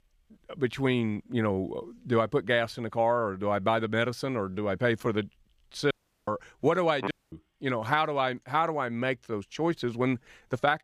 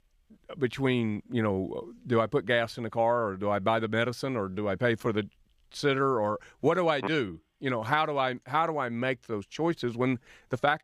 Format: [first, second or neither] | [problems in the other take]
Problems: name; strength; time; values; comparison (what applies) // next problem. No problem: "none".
second | audio cutting out; at 6 s and at 7 s